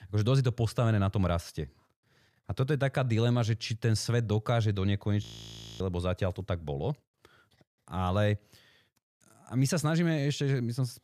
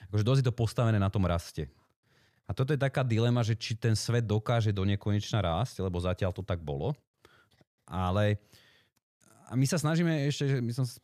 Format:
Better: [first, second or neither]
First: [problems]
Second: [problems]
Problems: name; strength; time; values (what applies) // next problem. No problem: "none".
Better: second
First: audio freezing; at 5 s for 0.5 s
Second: none